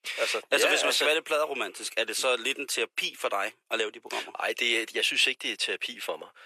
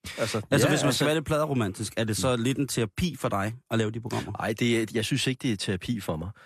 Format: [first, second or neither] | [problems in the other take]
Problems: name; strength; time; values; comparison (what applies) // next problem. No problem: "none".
second | thin; very; fading below 450 Hz